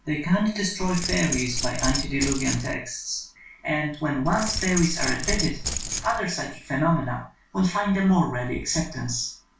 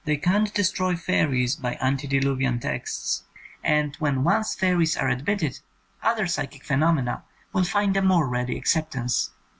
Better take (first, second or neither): second